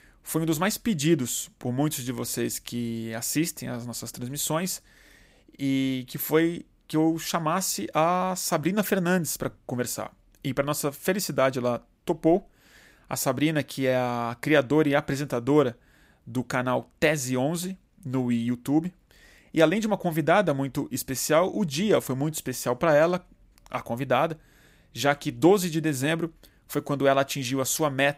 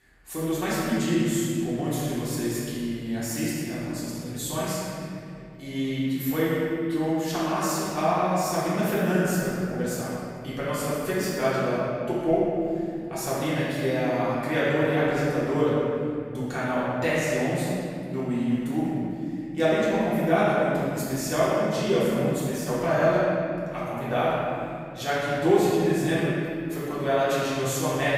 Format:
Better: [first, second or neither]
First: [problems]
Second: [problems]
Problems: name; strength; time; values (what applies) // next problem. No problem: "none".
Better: first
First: none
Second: room echo; strong; dies away in 2.4 s // off-mic speech; far